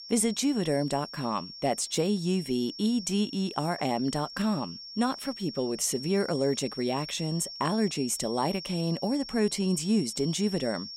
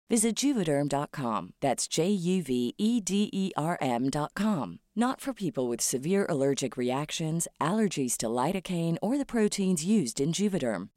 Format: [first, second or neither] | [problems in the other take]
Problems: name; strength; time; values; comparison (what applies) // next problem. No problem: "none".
second | high-pitched whine; noticeable; throughout; 5.5 kHz, 10 dB below the speech